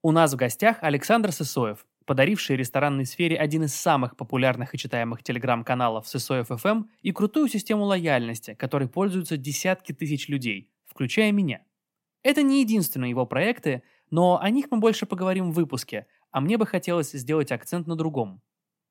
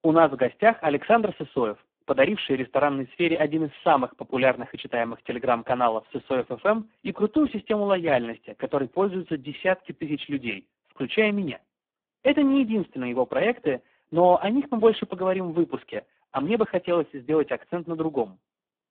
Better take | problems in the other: first | phone-call audio; poor line

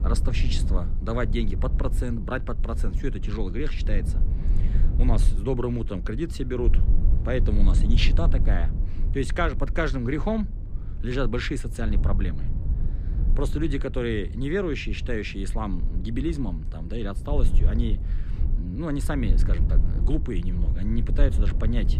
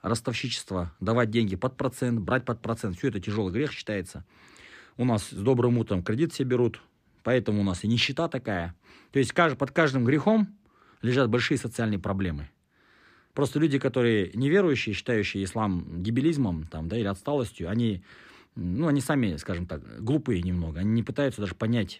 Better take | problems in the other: second | low rumble; noticeable; throughout; 10 dB below the speech

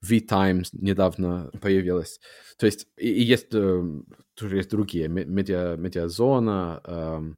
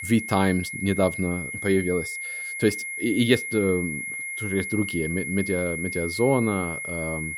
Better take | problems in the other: first | high-pitched whine; loud; throughout; 2 kHz, 5 dB below the speech

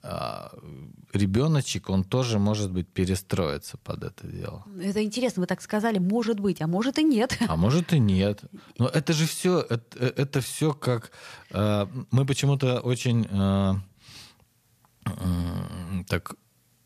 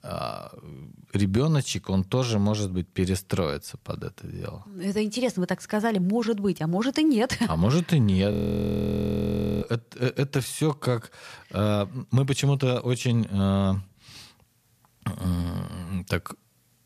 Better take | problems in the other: first | audio freezing; at 8.5 s for 1.5 s

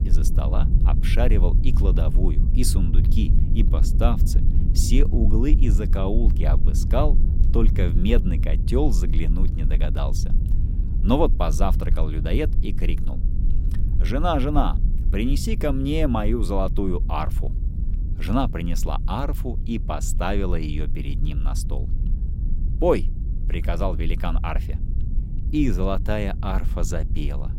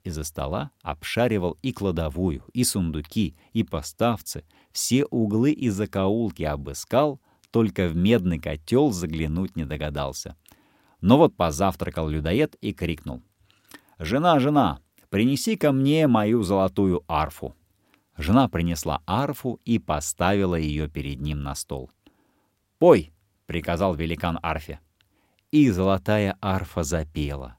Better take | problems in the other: second | low rumble; noticeable; throughout; 10 dB below the speech

